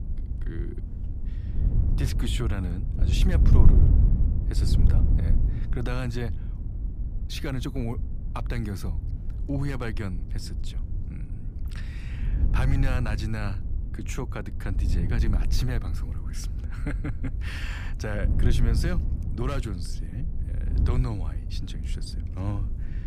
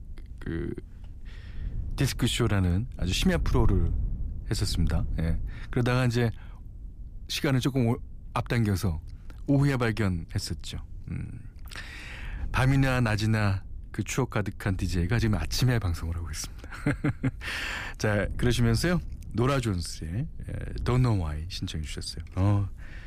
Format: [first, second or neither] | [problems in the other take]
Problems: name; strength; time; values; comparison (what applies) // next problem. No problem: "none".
second | wind noise on the microphone; heavy; 6 dB below the speech; occasional gusts in the second